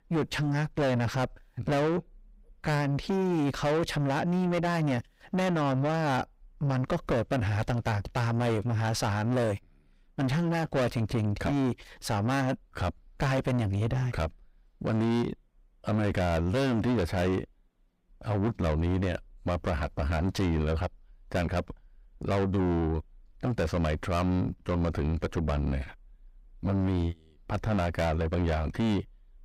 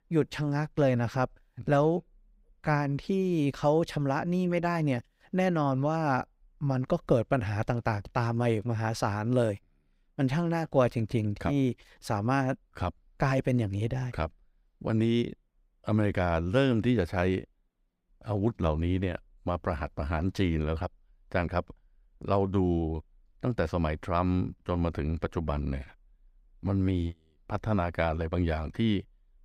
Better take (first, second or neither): second